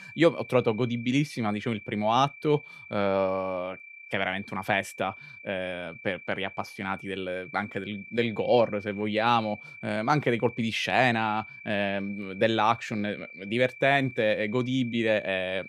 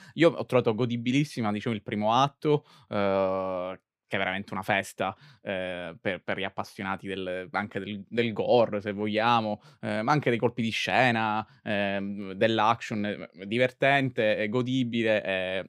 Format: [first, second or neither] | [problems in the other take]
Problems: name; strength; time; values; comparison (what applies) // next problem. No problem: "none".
second | high-pitched whine; noticeable; throughout; 2.5 kHz, 15 dB below the speech